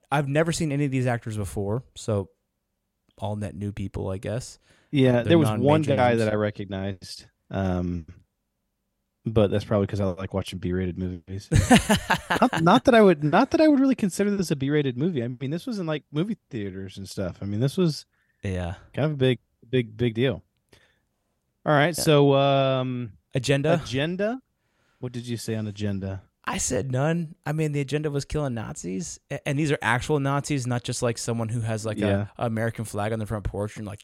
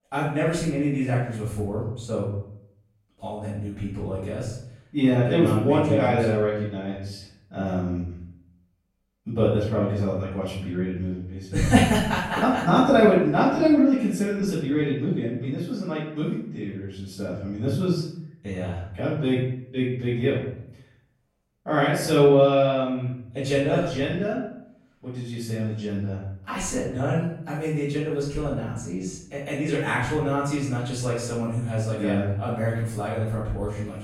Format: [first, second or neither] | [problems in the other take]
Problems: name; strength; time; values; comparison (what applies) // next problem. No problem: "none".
first | off-mic speech; far // room echo; noticeable; dies away in 0.6 s